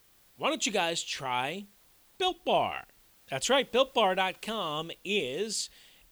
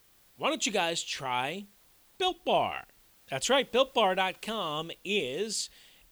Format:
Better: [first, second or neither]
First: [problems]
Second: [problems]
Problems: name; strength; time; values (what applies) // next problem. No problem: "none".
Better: neither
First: hiss; faint; throughout; 30 dB below the speech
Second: hiss; faint; throughout; 30 dB below the speech